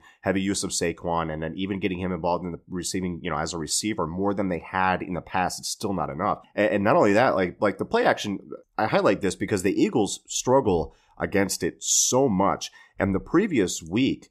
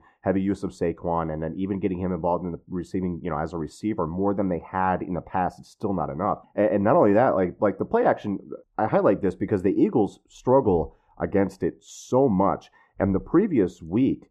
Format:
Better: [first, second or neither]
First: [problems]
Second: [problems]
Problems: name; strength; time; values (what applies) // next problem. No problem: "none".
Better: first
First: none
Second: muffled; very; fading above 2.5 kHz